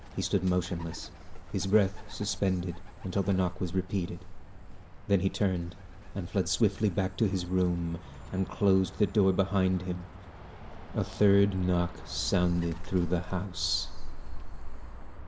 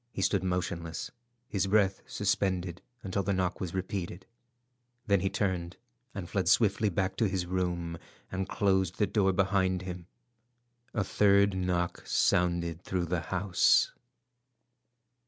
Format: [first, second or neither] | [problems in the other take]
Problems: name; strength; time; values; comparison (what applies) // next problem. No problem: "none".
second | background sound (Bird); 10 dB below the speech // room echo; dies away in 2.1 s